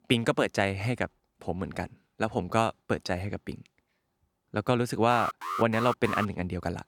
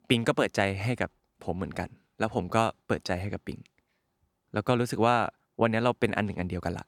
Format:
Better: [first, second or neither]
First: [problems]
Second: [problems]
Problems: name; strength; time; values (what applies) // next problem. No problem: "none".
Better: second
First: alarm; noticeable; from 5 to 6.5 s; peak 4 dB below the speech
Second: none